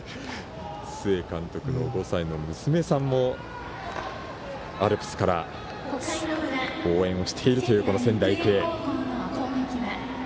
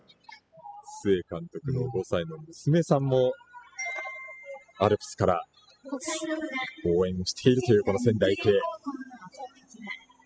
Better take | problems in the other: first | noise reduction (classical method spectral subtraction)

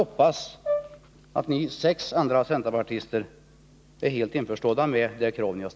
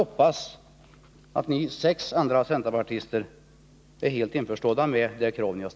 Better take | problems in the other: second | background sound (Brass instrument); 7 dB below the speech

